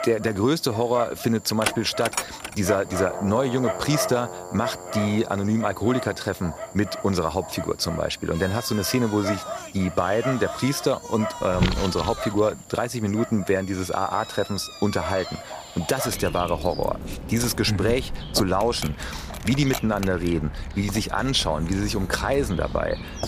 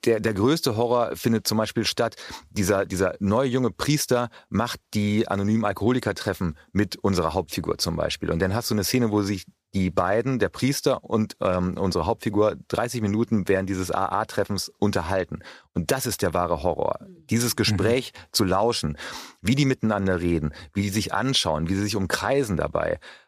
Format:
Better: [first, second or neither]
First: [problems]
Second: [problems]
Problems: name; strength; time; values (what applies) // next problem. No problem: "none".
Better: second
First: animal sounds; loud; throughout; 8 dB below the speech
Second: none